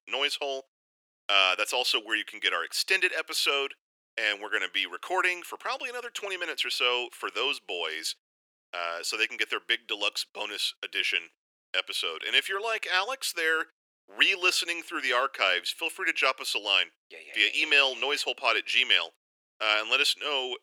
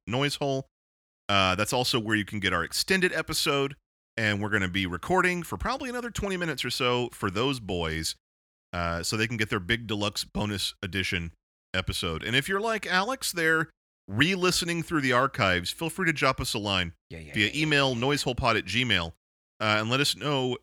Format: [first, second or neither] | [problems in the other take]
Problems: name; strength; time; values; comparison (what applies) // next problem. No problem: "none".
second | thin; very; fading below 400 Hz